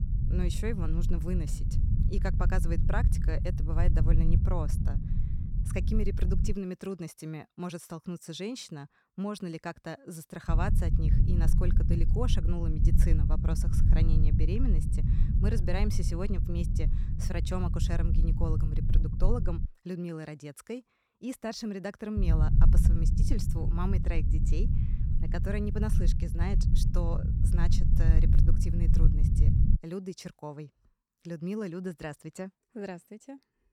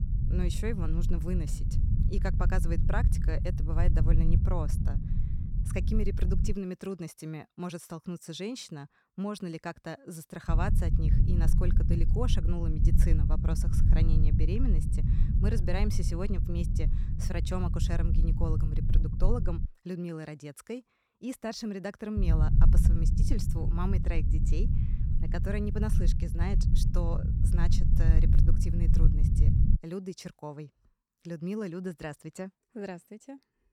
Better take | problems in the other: neither | low rumble; loud; until 6.5 s, from 10 to 20 s and from 22 to 30 s; 4 dB below the speech; the same in both

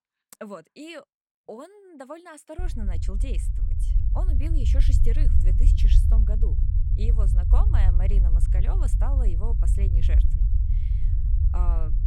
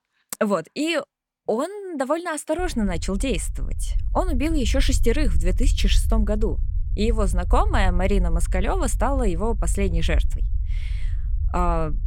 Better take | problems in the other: second | low rumble; loud; from 2.5 s on; 3 dB below the speech; faint in the second

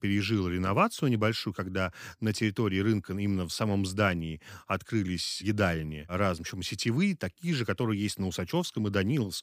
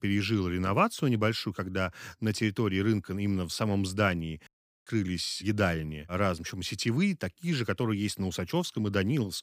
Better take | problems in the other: first | audio cutting out; at 4.5 s

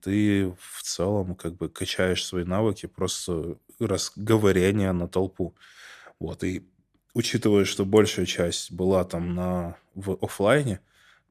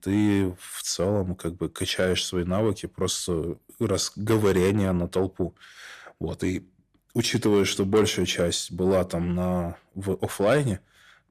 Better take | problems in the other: first | distortion; slight; 10 dB below the speech

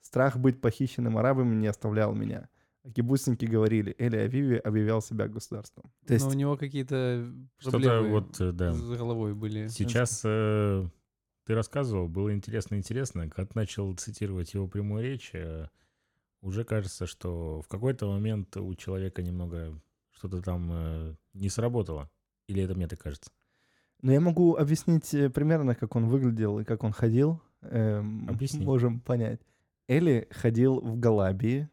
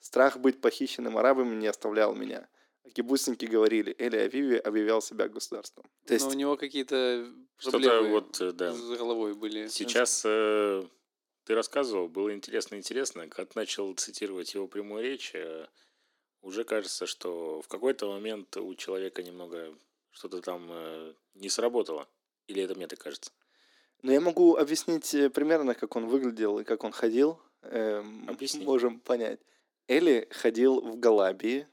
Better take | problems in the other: first | thin; somewhat; fading below 300 Hz

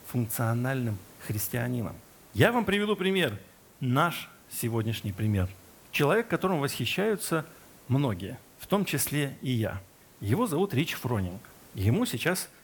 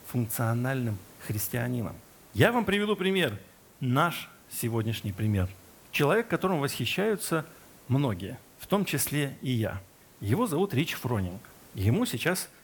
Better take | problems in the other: neither | hiss; faint; throughout; 25 dB below the speech; the same in both

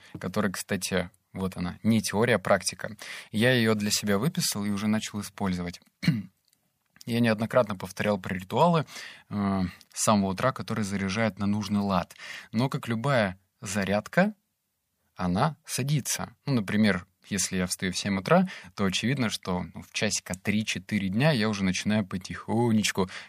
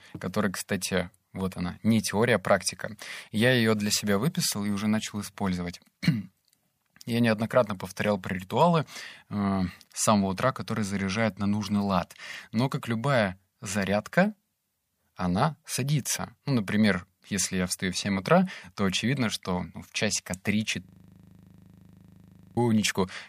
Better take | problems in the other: first | audio freezing; at 21 s for 1.5 s

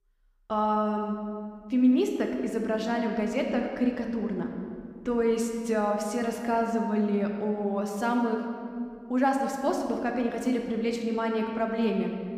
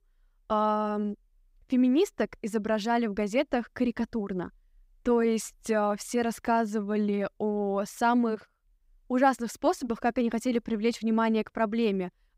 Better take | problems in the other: second | room echo; noticeable; dies away in 1.8 s

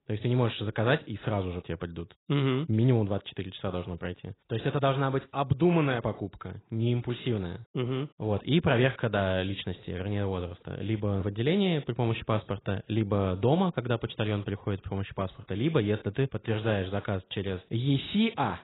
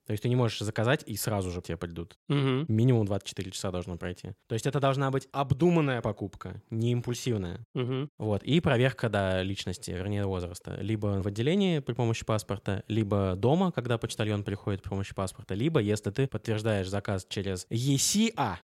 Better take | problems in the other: second | garbled, watery; badly; nothing above 4 kHz

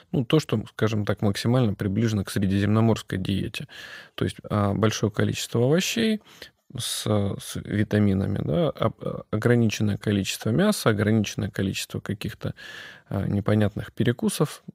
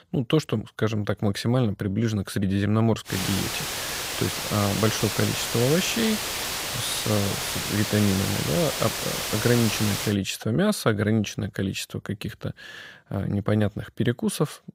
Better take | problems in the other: first | hiss; loud; from 3 to 10 s; 2 dB below the speech

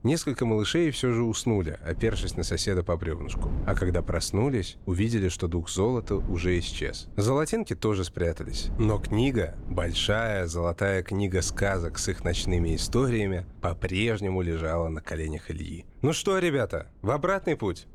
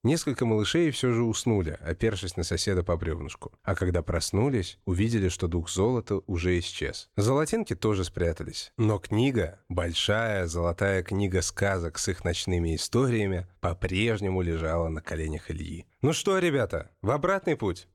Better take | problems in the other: second | wind noise on the microphone; occasional gusts; 20 dB below the speech

